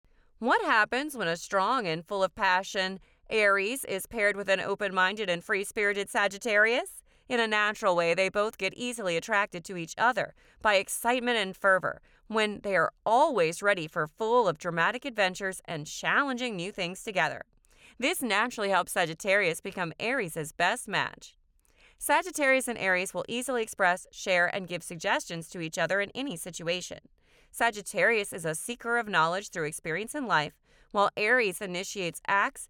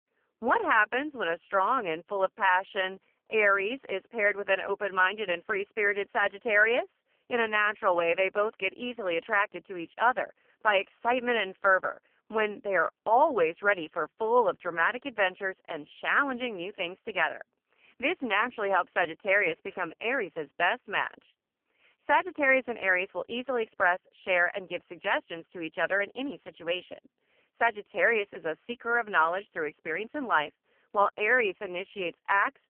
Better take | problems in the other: first | phone-call audio; poor line; nothing above 3 kHz

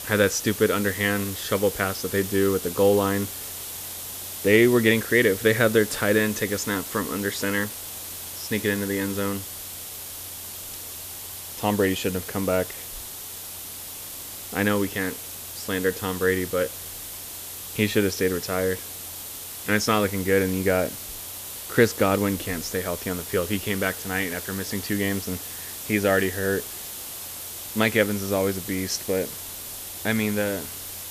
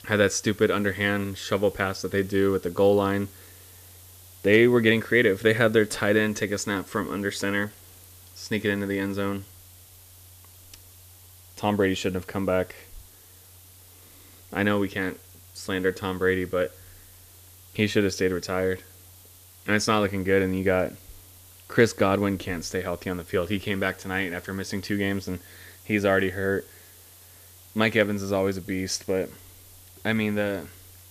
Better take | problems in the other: second | hiss; loud; throughout; 9 dB below the speech; faint in the second

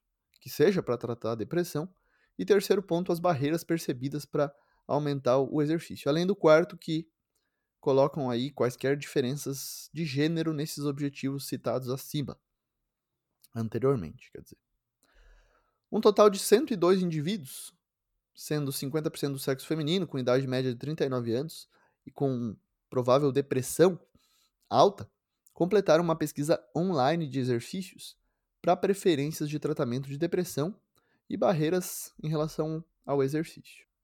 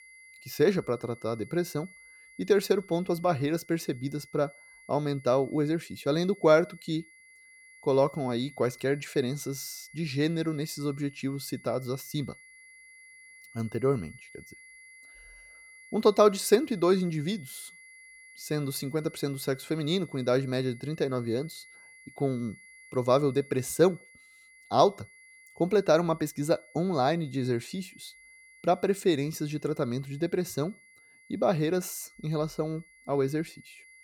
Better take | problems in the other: first | high-pitched whine; faint; throughout; 2 kHz, 25 dB below the speech

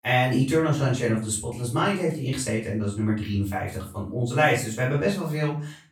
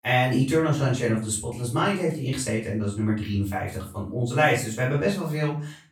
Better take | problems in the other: neither | room echo; slight; dies away in 0.4 s; the same in both // off-mic speech; far; the same in both

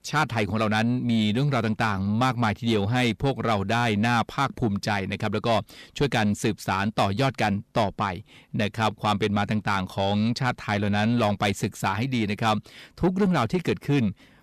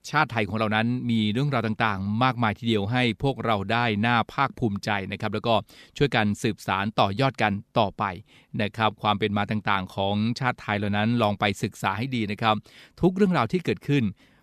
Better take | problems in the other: second | distortion; slight; 10 dB below the speech

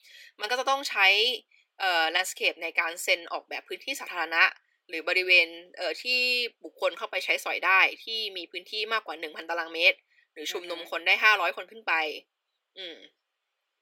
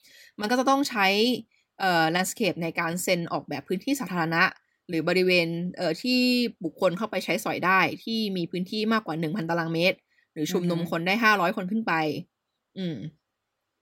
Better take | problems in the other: second | thin; very; fading below 400 Hz

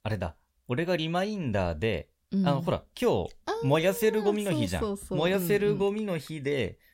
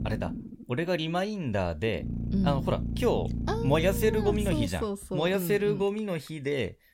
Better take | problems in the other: first | low rumble; noticeable; until 4.5 s; 15 dB below the speech

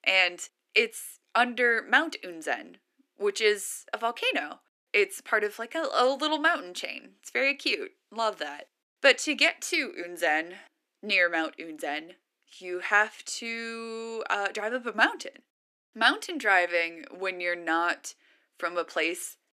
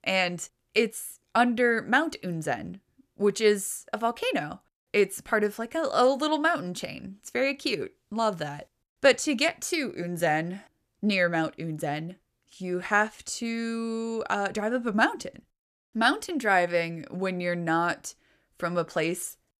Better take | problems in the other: second | thin; somewhat; fading below 250 Hz

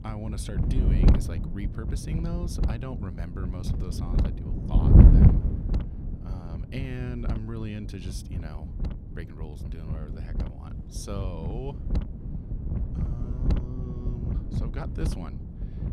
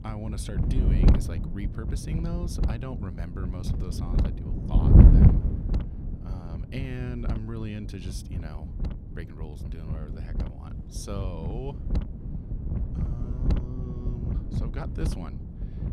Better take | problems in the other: neither | wind noise on the microphone; heavy; 4 dB above the speech; the same in both

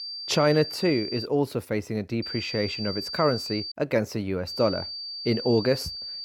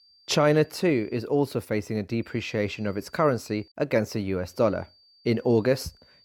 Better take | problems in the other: second | high-pitched whine; loud; until 1.5 s, from 2 to 3.5 s and from 4.5 s on; 4.5 kHz, 7 dB below the speech; faint in the second

